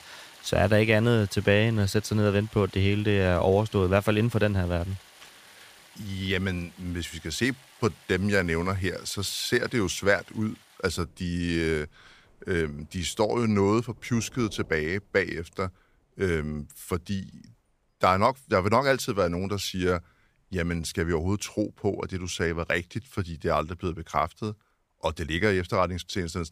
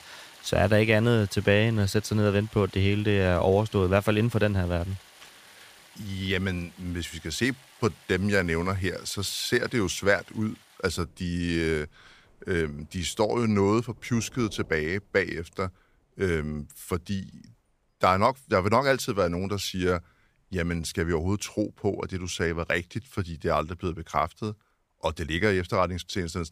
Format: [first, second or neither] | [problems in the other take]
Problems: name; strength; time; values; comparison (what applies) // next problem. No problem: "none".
neither | rain or running water; faint; throughout; 25 dB below the speech; the same in both